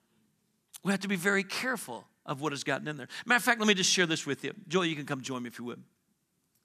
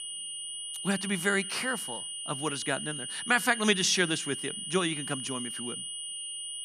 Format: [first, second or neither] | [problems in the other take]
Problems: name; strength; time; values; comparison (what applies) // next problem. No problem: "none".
first | high-pitched whine; loud; throughout; 3 kHz, 6 dB below the speech